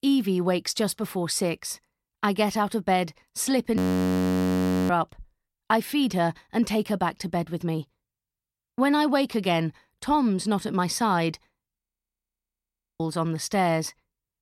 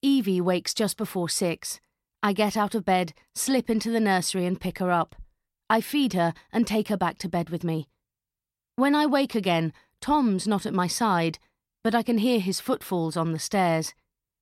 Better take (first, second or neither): second